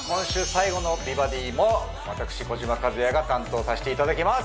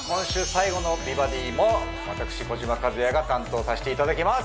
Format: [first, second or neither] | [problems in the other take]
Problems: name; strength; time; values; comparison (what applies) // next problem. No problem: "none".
first | background sound (Bowed string instrument); 15 dB below the speech